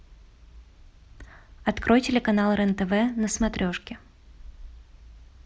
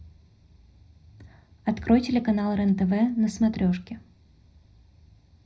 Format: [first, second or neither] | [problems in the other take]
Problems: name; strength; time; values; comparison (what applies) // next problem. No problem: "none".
first | room echo; dies away in 0.4 s